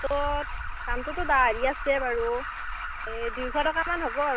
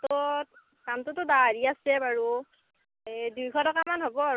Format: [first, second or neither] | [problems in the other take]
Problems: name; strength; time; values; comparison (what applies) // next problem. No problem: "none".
second | background sound (Alarm); 5 dB below the speech